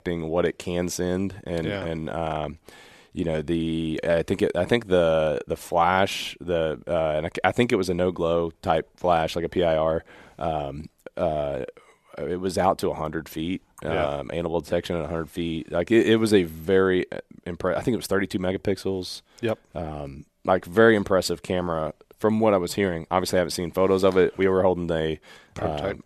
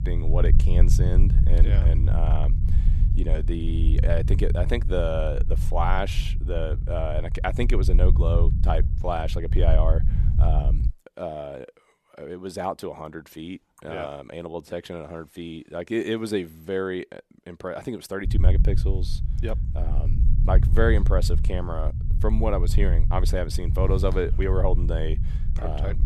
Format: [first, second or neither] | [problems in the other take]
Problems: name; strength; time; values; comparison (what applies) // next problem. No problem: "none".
first | low rumble; noticeable; until 11 s and from 18 s on; 10 dB below the speech